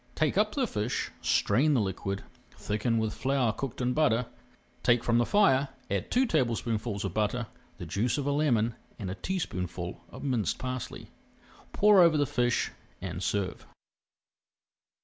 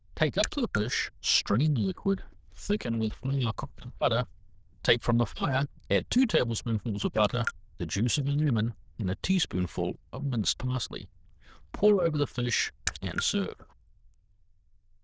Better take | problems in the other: first | noise reduction (neural diffusion model UNIVERSE++)

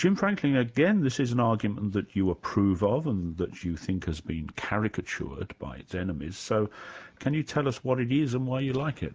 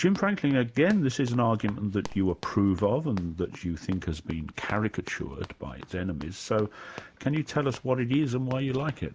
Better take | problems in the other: first | background sound (Run); 19 dB below the speech

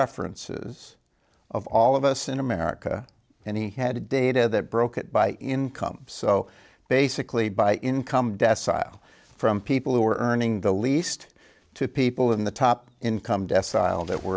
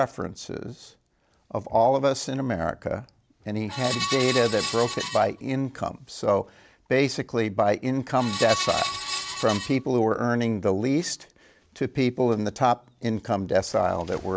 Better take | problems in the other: first | background sound (Screech); 5 dB below the speech

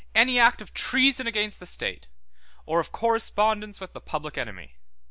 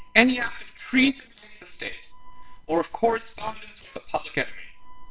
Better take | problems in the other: first | noise reduction (neural separator model SepFormer WHAMR!)

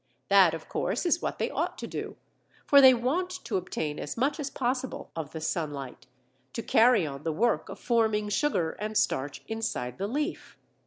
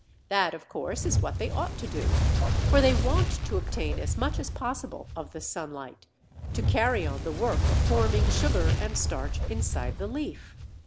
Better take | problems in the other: first | background sound (Fire); 4 dB above the speech

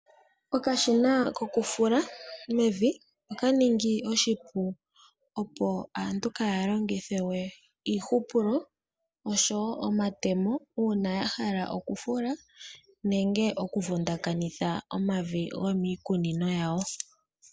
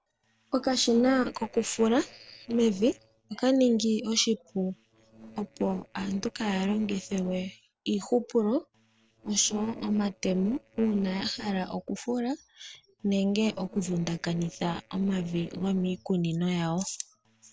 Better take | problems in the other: first | noise reduction (neural separator model SepFormer DNS4)

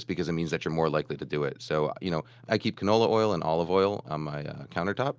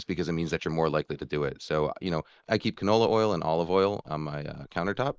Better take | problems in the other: first | noise reduction (neural mask model Resemble Enhance denoiser)

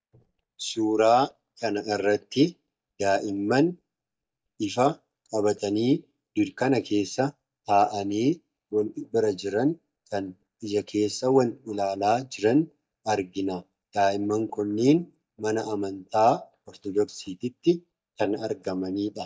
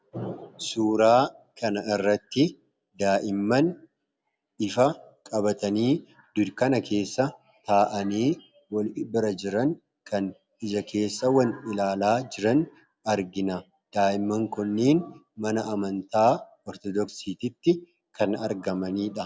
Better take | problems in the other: second | noise reduction (neural mask model DeepFilterNet 3)

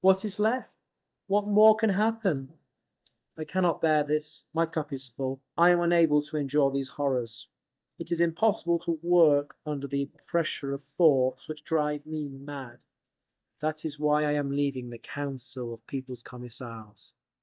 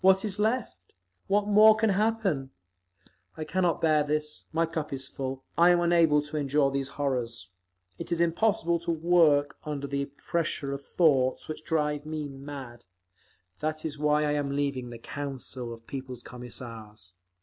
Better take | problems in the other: second | noise reduction (neural mask model DeepFilterNet 3)

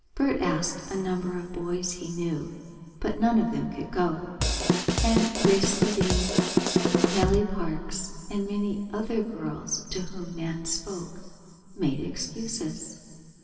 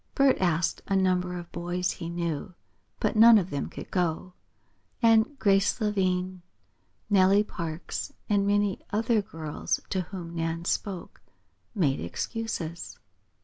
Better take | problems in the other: second | background sound (Drum kit); 4 dB above the speech // room echo; dies away in 2.5 s

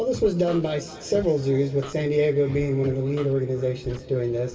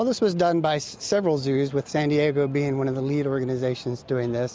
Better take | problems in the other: second | background sound (Scratching (performance technique)); 18 dB below the speech // room echo; dies away in 2.9 s

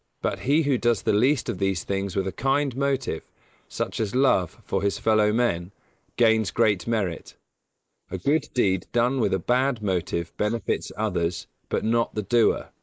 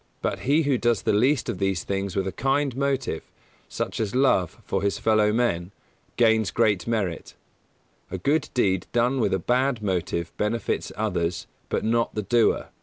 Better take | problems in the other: second | noise reduction (neural mask model Resemble Enhance denoiser)

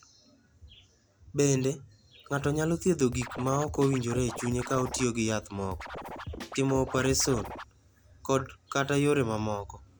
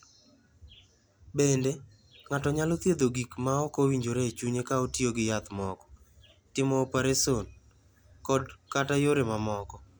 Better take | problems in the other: second | background sound (Scratching (performance technique)); 10 dB below the speech

